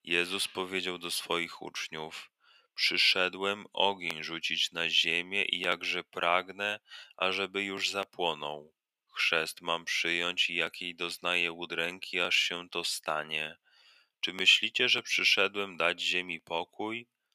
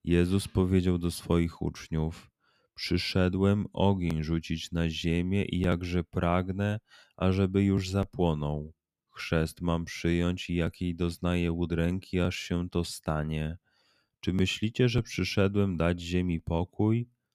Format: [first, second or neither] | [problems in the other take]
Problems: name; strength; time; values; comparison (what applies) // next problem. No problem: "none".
second | thin; very; fading below 650 Hz